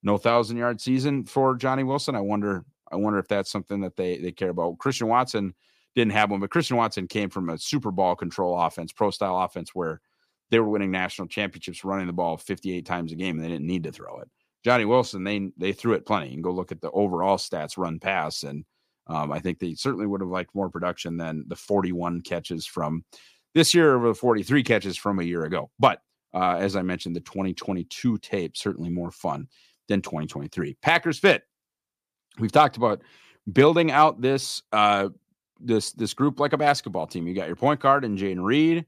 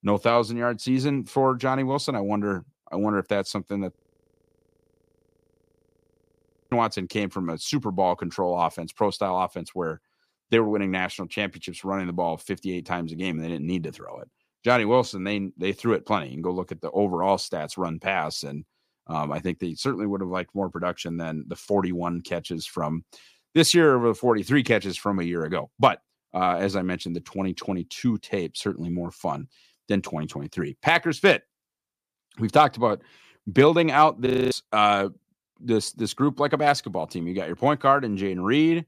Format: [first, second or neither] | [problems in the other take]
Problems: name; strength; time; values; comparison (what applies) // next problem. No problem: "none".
first | audio freezing; at 4 s for 3 s and at 34 s